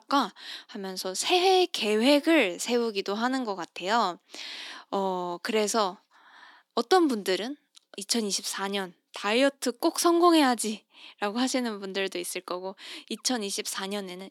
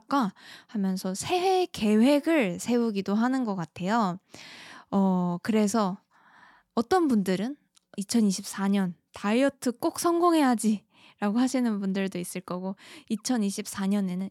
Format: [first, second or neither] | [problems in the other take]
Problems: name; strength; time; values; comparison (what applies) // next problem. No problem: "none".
second | thin; somewhat; fading below 300 Hz